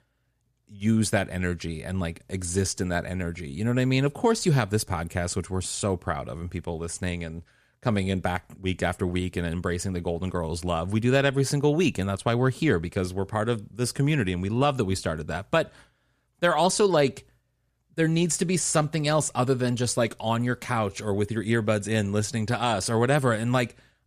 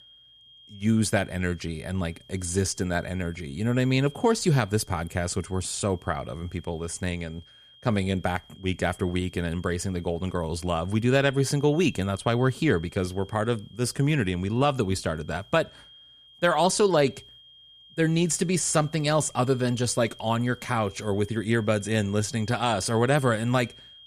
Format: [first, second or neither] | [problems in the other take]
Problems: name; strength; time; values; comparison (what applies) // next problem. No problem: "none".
first | high-pitched whine; faint; throughout; 3 kHz, 25 dB below the speech